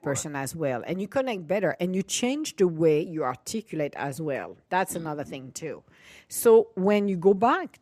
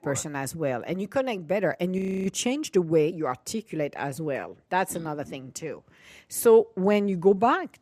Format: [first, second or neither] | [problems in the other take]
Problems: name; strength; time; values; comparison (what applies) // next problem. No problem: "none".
first | audio freezing; at 2 s